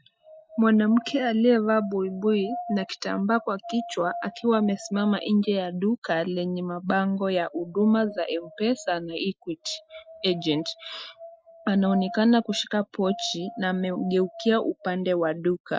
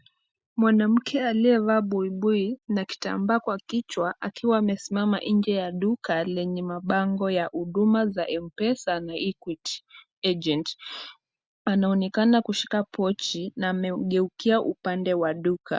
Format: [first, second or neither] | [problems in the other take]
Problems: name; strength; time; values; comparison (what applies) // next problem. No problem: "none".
second | noise reduction (classical method Wiener filter)